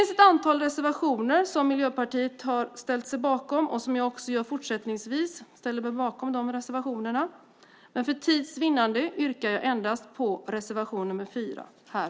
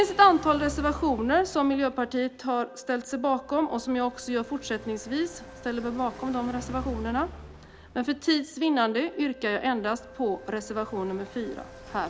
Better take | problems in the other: first | background sound (Wind instrument, woodwind instrument + Car passing by); 16 dB below the speech

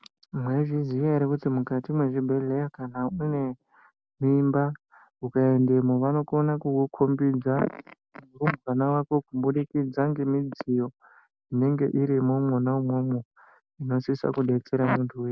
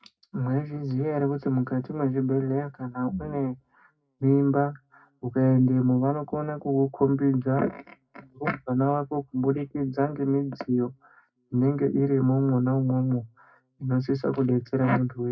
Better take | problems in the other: first | room echo; dies away in 0.2 s

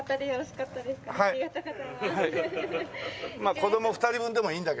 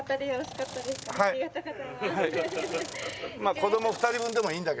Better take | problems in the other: first | background sound (Insect); 14 dB below the speech

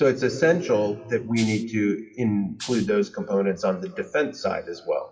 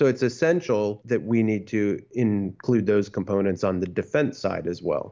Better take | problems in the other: second | noise reduction (classical method WPE with log-MMSE)

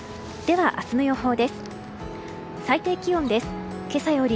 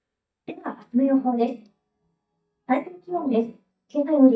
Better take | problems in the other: first | noise reduction (neural mask model DeepFilterNet 3)

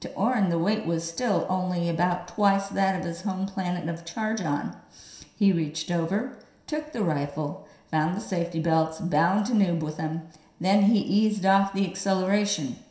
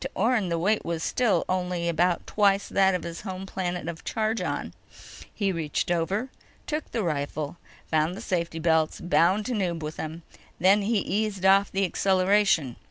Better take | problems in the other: second | room echo; dies away in 0.7 s

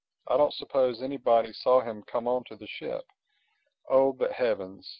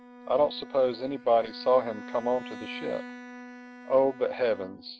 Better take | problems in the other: first | background sound (Bowed string instrument); 15 dB below the speech

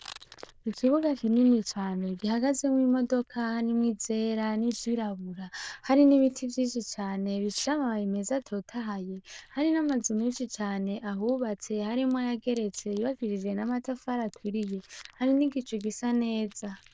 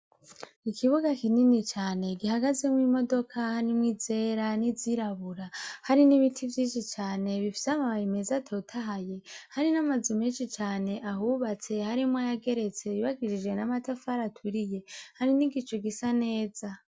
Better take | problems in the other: second | noise reduction (neural diffusion model UNIVERSE++)

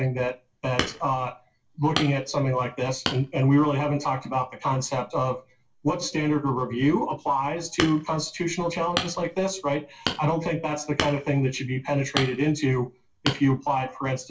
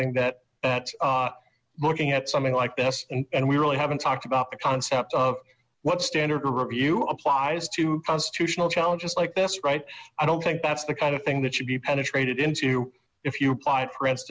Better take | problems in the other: second | background sound (Hammer); 9 dB below the speech // room echo; dies away in 0.2 s

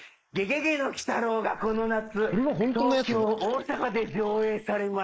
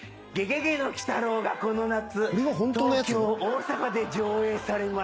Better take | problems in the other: second | noise reduction (neural mask model Resemble Enhance denoiser)

